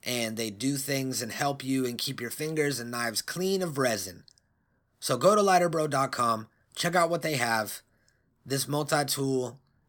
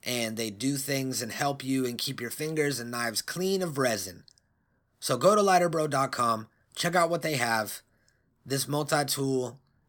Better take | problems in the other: neither | none

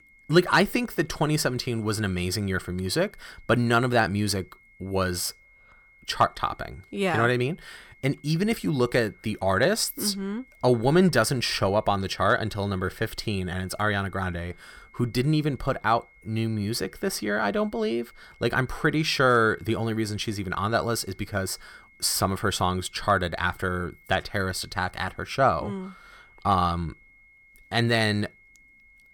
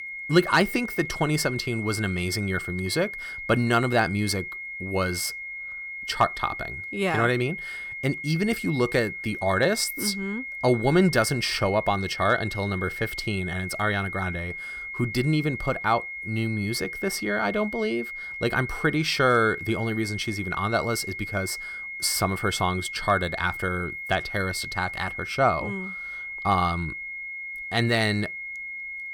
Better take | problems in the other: first | high-pitched whine; loud; throughout; 2 kHz, 7 dB below the speech; faint in the first

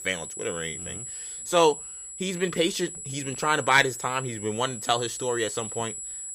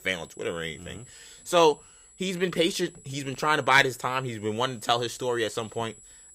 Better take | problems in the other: second | high-pitched whine; loud; throughout; 7.5 kHz, 8 dB below the speech; faint in the second

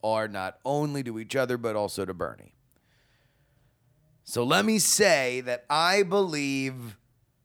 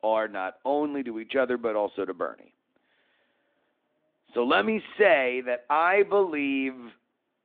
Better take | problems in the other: first | phone-call audio

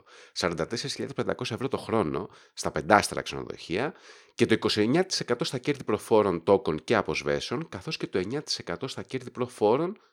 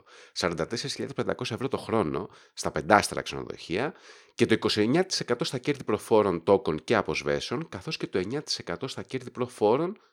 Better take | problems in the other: neither | none

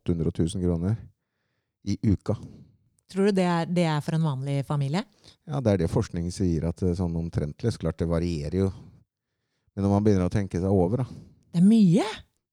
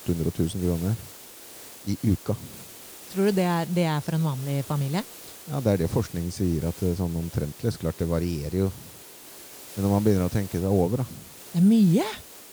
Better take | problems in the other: first | hiss; noticeable; throughout; 15 dB below the speech

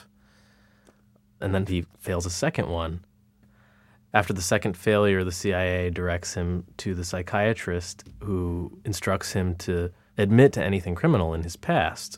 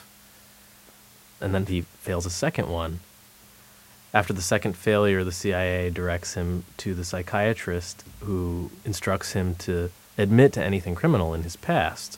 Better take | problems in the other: first | hiss; faint; throughout; 25 dB below the speech

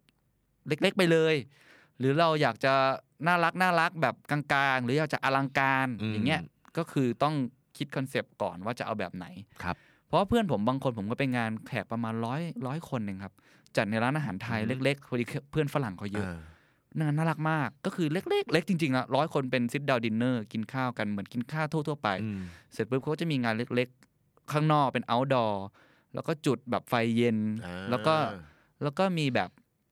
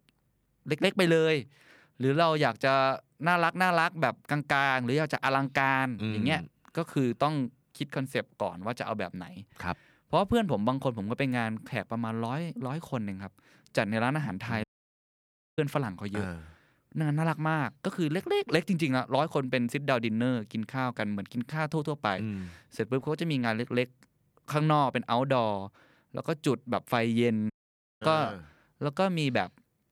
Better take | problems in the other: first | audio cutting out; at 15 s for 1 s and at 28 s for 0.5 s

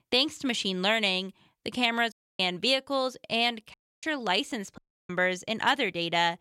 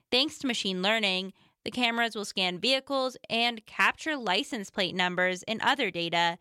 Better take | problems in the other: second | audio cutting out; at 2 s, at 3.5 s and at 5 s

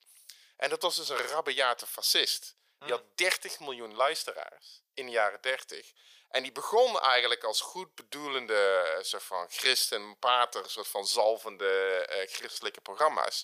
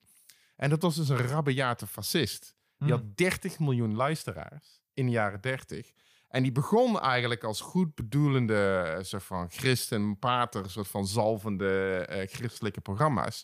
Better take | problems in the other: second | thin; very; fading below 500 Hz

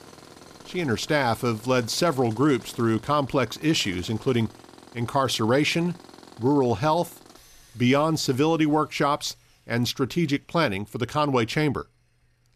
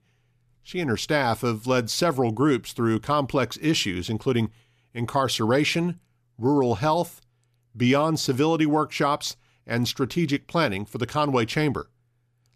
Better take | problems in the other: second | machinery noise; faint; throughout; 25 dB below the speech

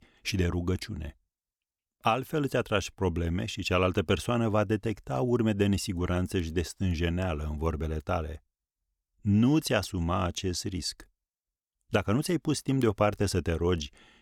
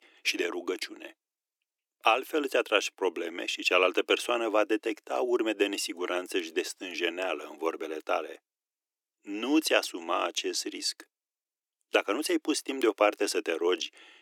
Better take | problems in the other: first | thin; very; fading below 300 Hz

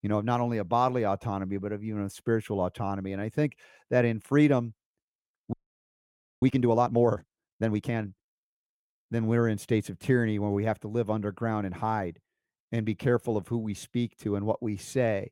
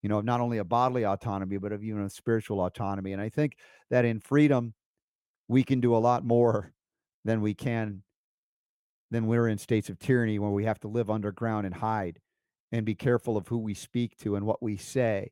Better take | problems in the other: second | audio freezing; at 5.5 s for 1 s

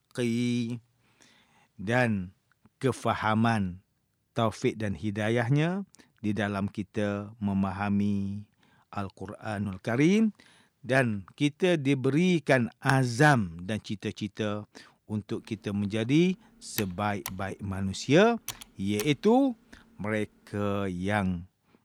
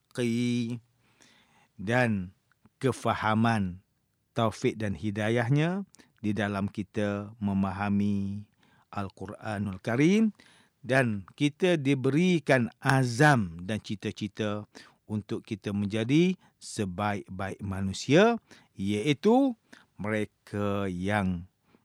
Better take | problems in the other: second | keyboard typing; noticeable; from 15 to 19 s; peak 9 dB below the speech

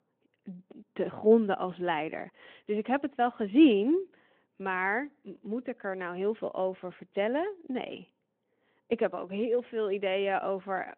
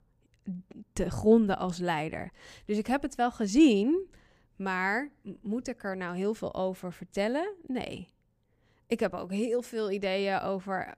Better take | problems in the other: second | phone-call audio

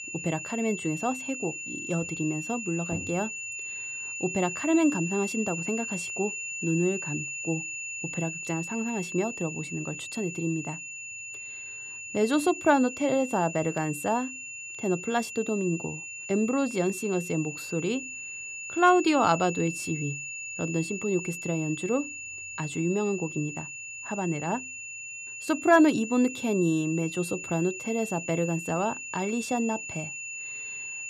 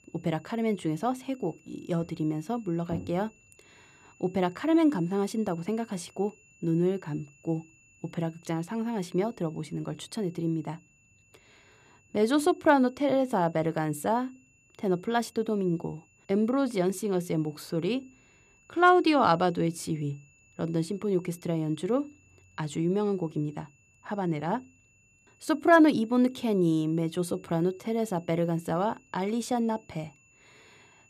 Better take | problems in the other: second | high-pitched whine; loud; throughout; 2.5 kHz, 7 dB below the speech; faint in the second

